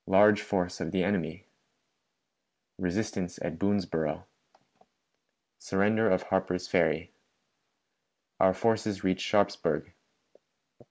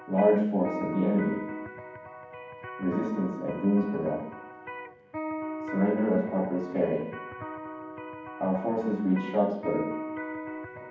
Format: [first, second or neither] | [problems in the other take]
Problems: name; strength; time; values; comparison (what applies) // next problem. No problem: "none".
first | background sound (Electric guitar); 9 dB below the speech // room echo; dies away in 1.2 s